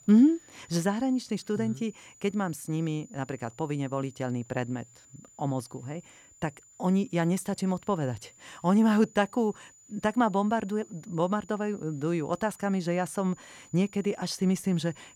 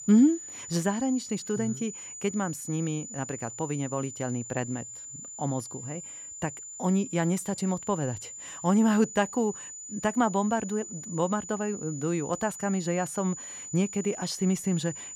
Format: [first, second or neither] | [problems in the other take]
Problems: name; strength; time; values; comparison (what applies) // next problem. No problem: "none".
first | high-pitched whine; loud; throughout; 7 kHz, 10 dB below the speech; faint in the first